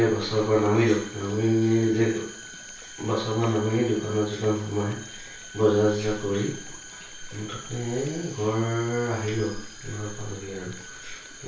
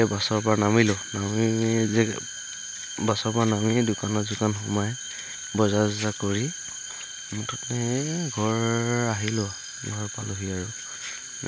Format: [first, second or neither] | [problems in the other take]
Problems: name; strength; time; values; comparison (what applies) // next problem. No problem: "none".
second | background sound (Stream); 19 dB below the speech // room echo; dies away in 0.6 s